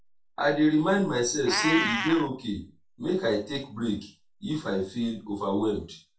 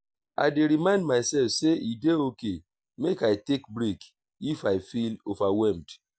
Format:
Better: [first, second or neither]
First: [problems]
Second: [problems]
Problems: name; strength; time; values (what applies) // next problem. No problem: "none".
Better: second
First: background sound (Meow); 10 dB below the speech // room echo; dies away in 0.3 s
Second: none